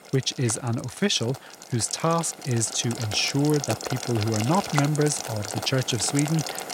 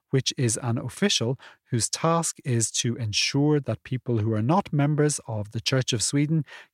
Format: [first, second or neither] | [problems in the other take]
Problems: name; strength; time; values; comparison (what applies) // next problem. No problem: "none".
second | household noises; loud; throughout; 8 dB below the speech